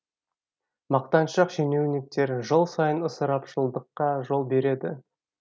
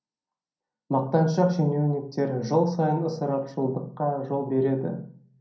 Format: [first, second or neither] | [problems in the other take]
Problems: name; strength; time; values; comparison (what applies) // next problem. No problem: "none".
first | room echo; dies away in 0.6 s